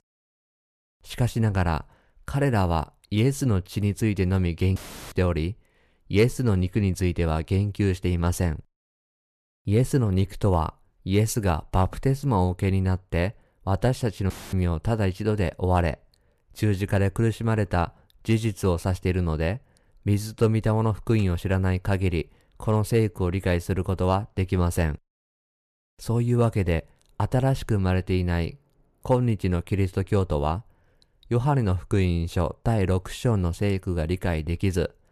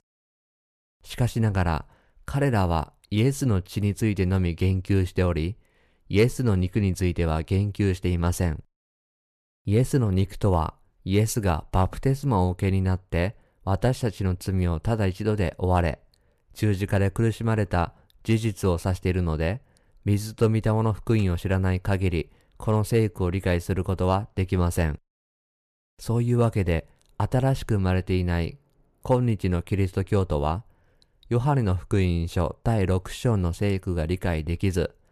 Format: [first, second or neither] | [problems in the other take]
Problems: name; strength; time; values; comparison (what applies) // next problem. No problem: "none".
second | audio cutting out; filled with static; at 5 s and at 14 s